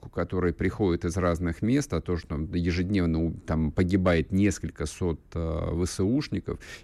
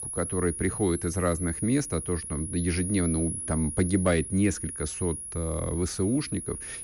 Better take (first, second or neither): first